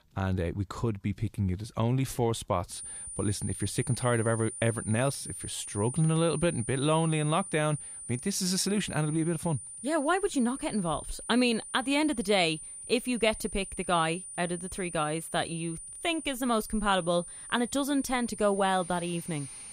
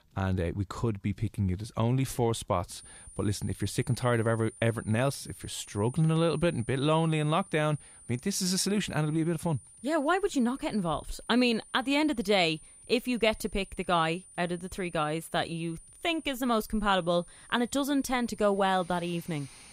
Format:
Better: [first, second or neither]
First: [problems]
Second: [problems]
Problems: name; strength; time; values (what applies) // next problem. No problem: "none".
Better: second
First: high-pitched whine; loud; from 2.5 s on; 9.5 kHz, 10 dB below the speech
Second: high-pitched whine; faint; from 2.5 s on; 9.5 kHz, 20 dB below the speech